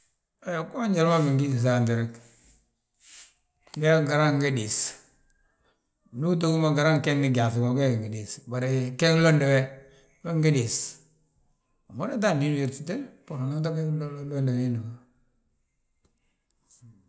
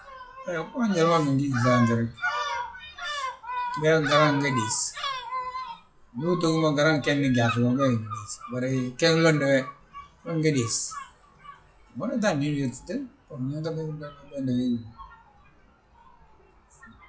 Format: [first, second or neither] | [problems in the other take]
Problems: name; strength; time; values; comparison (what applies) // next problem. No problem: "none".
first | noise reduction (classical method WPE with log-MMSE)